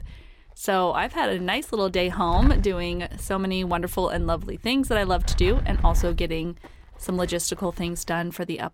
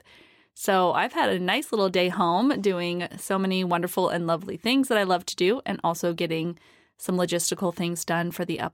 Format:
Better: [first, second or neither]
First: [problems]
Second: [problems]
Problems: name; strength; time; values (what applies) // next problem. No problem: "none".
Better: second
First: wind noise on the microphone; occasional gusts; 20 dB below the speech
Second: none